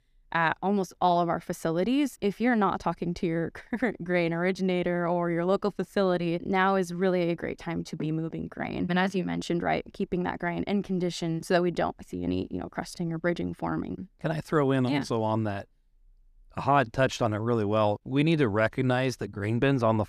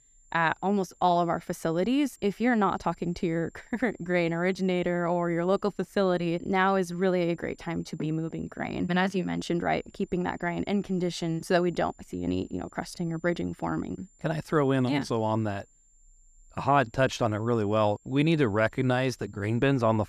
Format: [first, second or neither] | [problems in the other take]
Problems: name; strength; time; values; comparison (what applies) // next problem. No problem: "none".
first | high-pitched whine; faint; throughout; 7 kHz, 35 dB below the speech